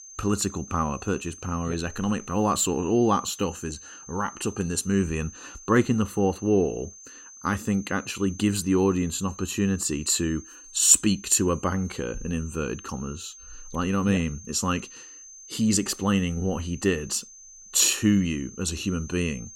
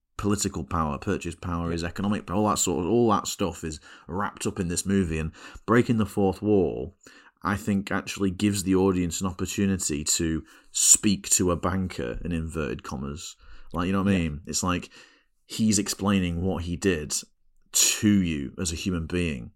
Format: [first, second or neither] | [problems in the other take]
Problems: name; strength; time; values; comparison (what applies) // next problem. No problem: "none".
second | high-pitched whine; noticeable; throughout; 6.5 kHz, 20 dB below the speech